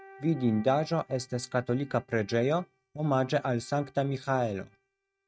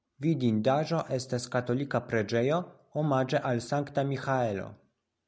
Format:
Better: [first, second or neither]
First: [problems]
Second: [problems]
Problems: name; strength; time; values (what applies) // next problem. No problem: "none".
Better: second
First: noise reduction (neural mask model RNNoise)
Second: none